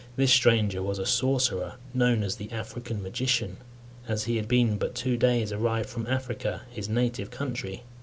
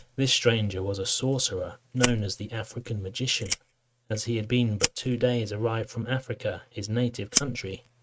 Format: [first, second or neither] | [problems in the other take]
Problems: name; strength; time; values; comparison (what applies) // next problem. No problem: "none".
first | noise reduction (neural mask model RNNoise)